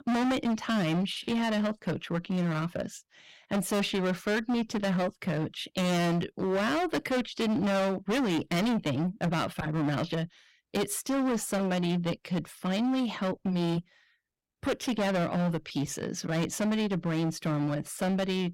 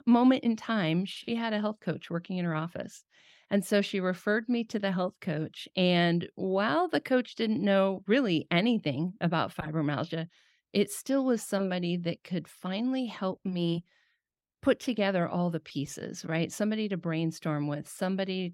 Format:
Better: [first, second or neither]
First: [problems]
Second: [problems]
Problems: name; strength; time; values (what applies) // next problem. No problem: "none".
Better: second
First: distortion; heavy; 23% of the sound clipped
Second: none